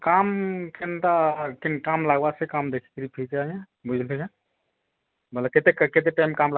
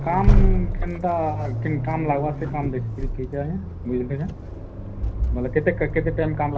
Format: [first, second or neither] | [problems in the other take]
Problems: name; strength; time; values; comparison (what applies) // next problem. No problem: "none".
first | background sound (Accelerating, revving, vroom); 2 dB above the speech // room echo; dies away in 0.5 s